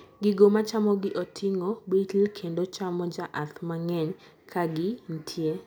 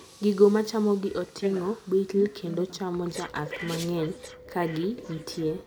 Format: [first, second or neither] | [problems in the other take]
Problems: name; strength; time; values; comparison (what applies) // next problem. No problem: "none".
first | background sound (Bicycle + Breathing); 15 dB below the speech